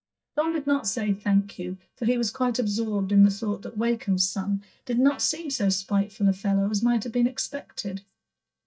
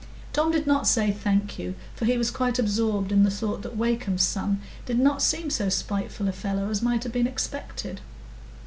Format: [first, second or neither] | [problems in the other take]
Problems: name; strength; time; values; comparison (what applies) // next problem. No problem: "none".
second | noise reduction (neural mask model DeepFilterNet 3)